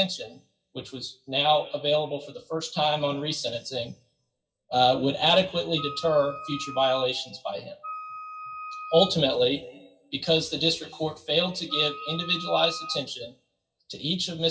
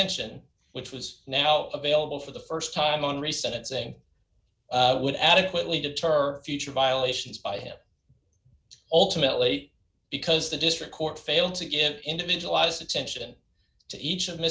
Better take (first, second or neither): second